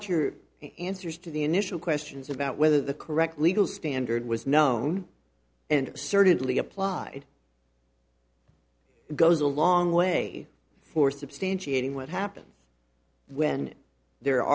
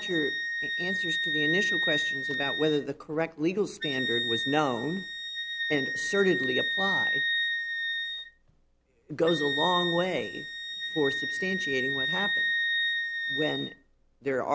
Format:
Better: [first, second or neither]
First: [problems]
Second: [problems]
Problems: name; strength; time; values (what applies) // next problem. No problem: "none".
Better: first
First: none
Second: background sound (Wind instrument, woodwind instrument); as loud as the speech